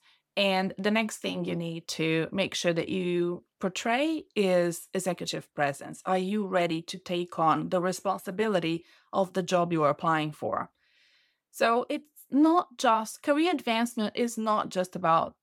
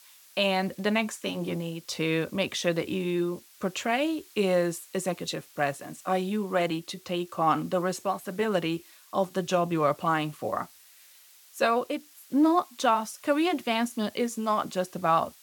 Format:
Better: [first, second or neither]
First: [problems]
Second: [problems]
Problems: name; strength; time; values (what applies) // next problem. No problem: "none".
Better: first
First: none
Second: hiss; faint; throughout; 25 dB below the speech